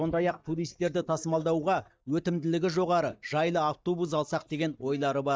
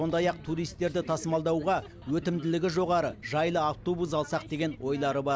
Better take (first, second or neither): second